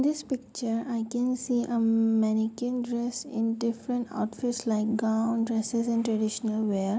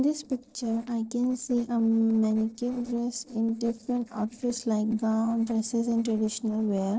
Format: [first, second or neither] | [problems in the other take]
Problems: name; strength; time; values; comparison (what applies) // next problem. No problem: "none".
first | noise reduction (neural separator model SepFormer DNS4)